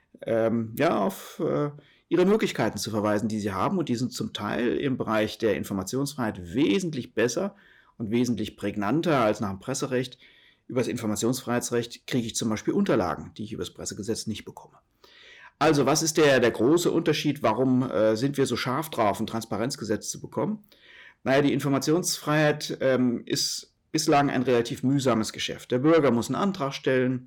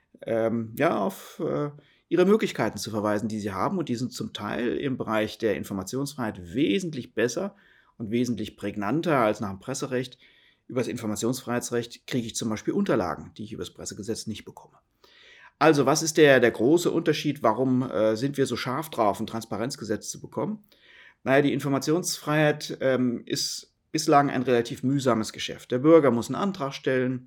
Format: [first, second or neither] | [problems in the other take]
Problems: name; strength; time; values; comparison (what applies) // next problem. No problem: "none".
second | distortion; slight; 10 dB below the speech